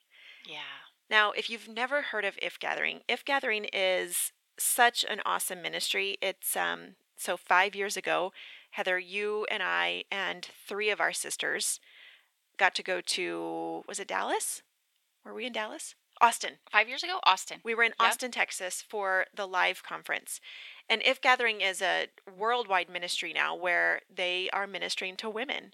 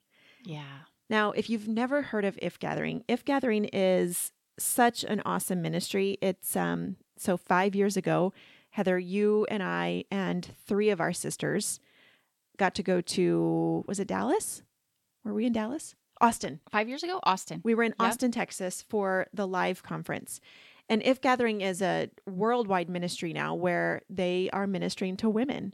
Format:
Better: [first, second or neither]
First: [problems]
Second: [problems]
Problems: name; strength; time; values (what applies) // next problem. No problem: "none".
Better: second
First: thin; very; fading below 650 Hz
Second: none